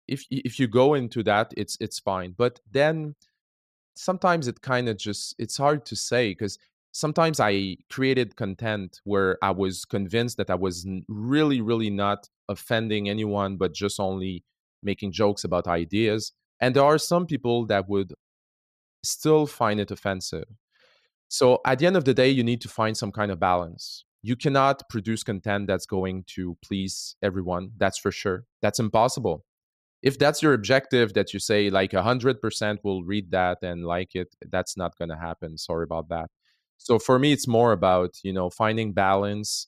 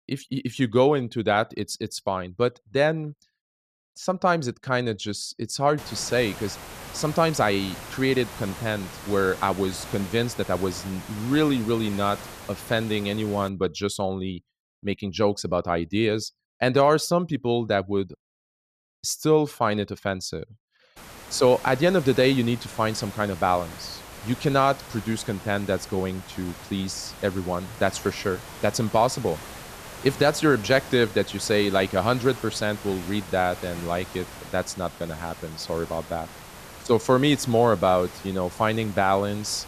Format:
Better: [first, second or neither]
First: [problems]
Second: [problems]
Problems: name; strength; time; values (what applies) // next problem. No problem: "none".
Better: first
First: none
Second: hiss; noticeable; from 6 to 13 s and from 21 s on; 15 dB below the speech